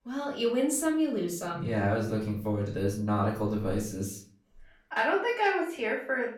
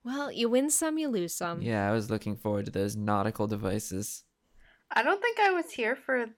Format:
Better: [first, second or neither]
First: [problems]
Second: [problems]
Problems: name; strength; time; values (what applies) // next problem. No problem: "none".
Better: second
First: off-mic speech; far // room echo; slight; dies away in 0.4 s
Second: none